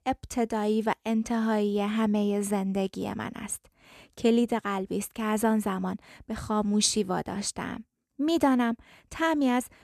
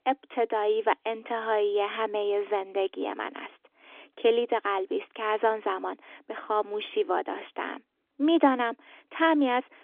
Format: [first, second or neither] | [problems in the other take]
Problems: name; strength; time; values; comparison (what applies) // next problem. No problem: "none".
first | phone-call audio; nothing above 3.5 kHz